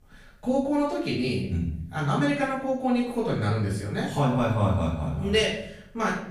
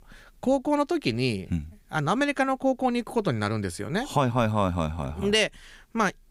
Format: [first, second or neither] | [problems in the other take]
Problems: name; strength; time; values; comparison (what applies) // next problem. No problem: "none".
second | off-mic speech; far // room echo; noticeable; dies away in 0.7 s